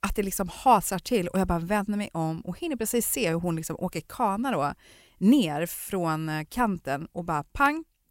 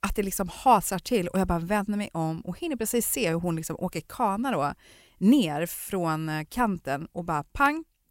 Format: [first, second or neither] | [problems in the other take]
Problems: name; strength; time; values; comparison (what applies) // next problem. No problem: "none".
neither | none